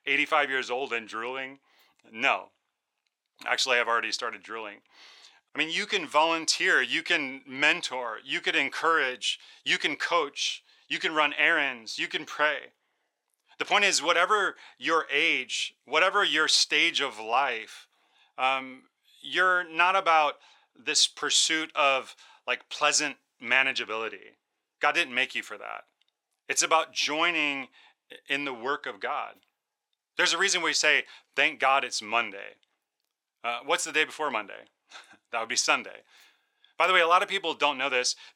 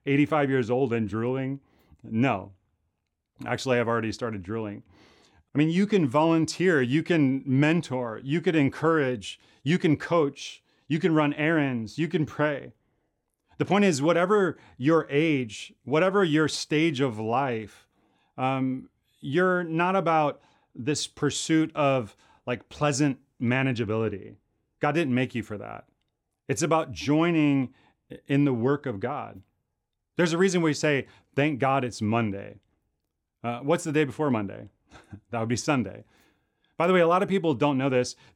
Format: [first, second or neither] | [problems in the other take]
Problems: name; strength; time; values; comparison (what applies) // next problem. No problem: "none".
second | thin; very; fading below 850 Hz